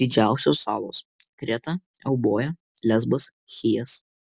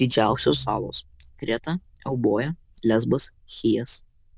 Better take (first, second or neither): first